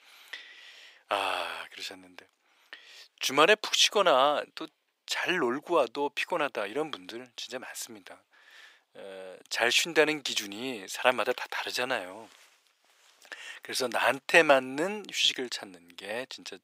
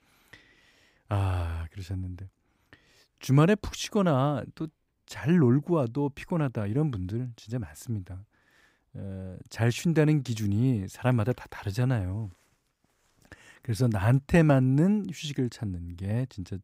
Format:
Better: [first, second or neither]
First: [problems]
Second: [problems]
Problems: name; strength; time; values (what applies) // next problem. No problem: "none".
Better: second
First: thin; very; fading below 500 Hz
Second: none